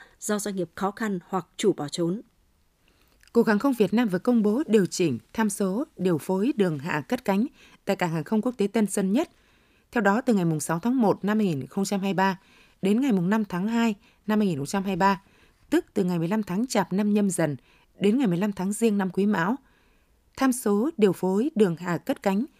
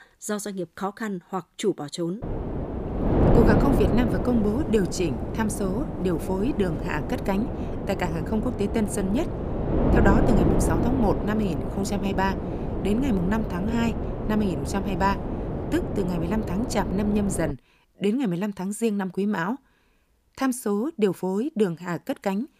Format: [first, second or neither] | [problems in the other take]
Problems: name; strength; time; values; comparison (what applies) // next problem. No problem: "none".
first | wind noise on the microphone; heavy; from 2 to 18 s; 2 dB below the speech